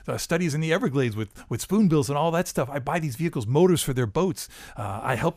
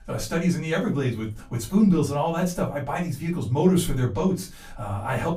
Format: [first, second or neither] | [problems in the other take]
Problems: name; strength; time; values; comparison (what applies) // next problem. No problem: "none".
first | off-mic speech; far // room echo; very slight; dies away in 0.2 s